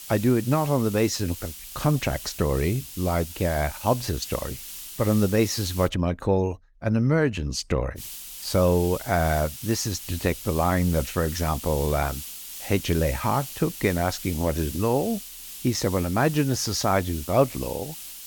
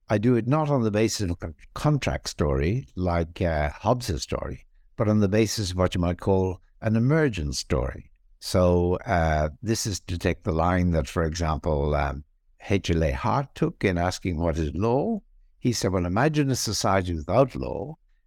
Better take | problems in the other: second | hiss; noticeable; until 6 s and from 8 s on; 10 dB below the speech

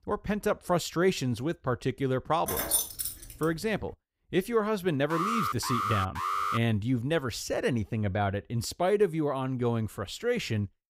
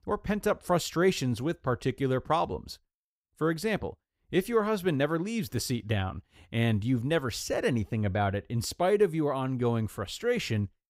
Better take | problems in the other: second | jangling keys; loud; at 2.5 s; peak 3 dB above the speech // alarm; loud; from 5 to 6.5 s; peak level with the speech

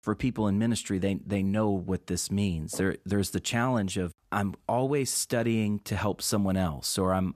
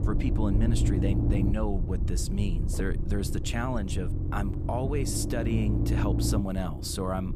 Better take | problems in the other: first | low rumble; loud; throughout; 4 dB below the speech

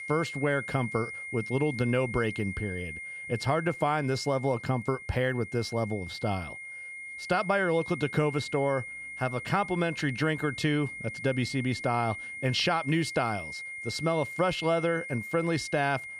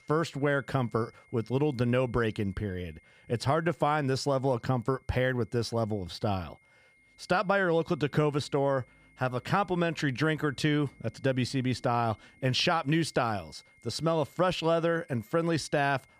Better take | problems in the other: second | high-pitched whine; loud; throughout; 2 kHz, 9 dB below the speech; faint in the second

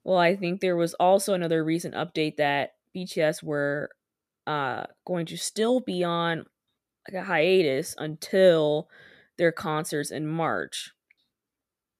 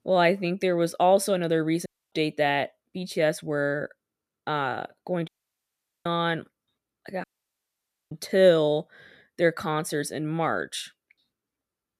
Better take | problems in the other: first | audio cutting out; at 2 s, at 5.5 s for 1 s and at 7 s for 1 s

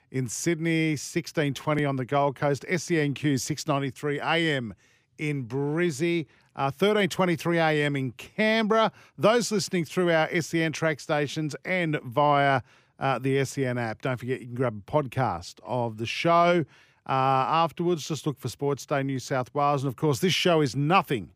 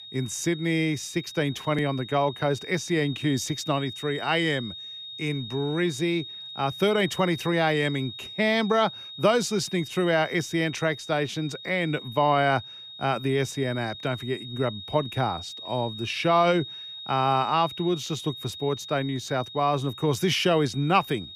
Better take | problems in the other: first | high-pitched whine; noticeable; throughout; 3.5 kHz, 10 dB below the speech

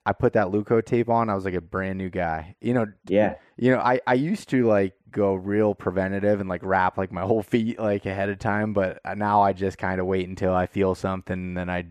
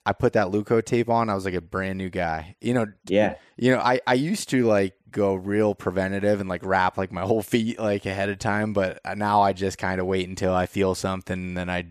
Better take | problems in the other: second | muffled; slightly; fading above 3 kHz

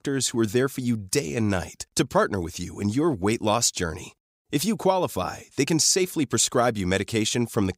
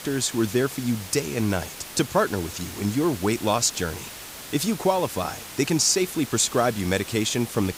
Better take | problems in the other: first | hiss; noticeable; throughout; 10 dB below the speech

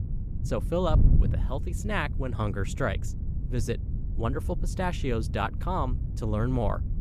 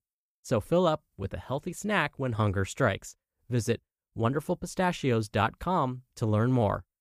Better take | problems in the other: second | wind noise on the microphone; occasional gusts; 15 dB below the speech

